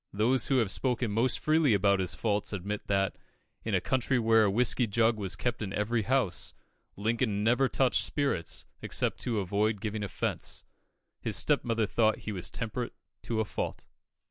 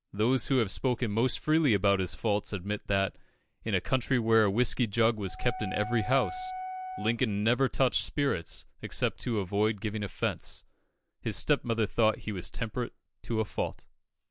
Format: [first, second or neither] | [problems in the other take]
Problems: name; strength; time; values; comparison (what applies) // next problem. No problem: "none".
first | background sound (Wind instrument, woodwind instrument); 10 dB below the speech